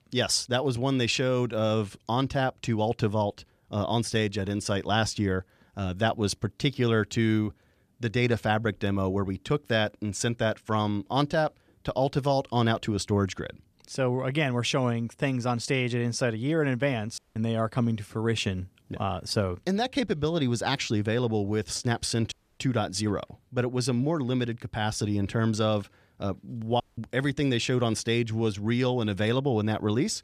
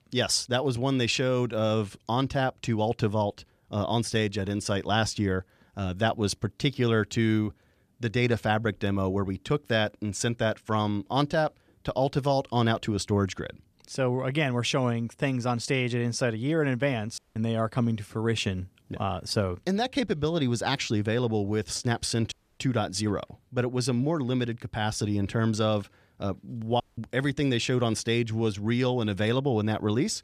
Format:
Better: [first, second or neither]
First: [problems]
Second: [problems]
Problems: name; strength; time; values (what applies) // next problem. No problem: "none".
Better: neither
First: audio cutting out; at 17 s, at 22 s and at 27 s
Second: audio cutting out; at 17 s, at 22 s and at 27 s